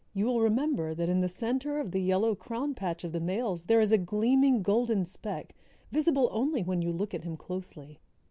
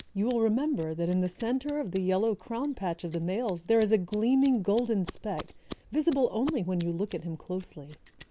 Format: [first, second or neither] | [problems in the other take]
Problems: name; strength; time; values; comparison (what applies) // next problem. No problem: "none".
first | background sound (Scissors); 20 dB below the speech